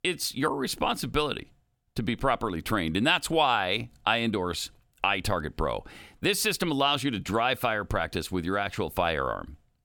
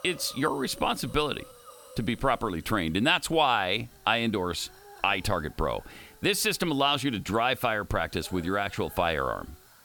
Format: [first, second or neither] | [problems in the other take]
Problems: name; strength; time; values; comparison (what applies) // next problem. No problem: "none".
first | hiss; faint; throughout; 25 dB below the speech